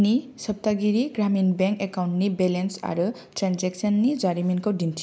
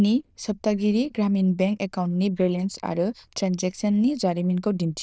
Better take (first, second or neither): first